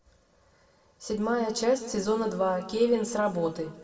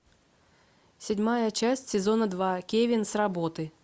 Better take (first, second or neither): second